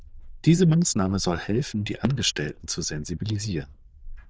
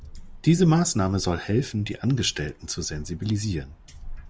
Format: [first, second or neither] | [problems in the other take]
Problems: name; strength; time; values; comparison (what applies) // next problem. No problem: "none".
second | noise reduction (neural diffusion model UNIVERSE++)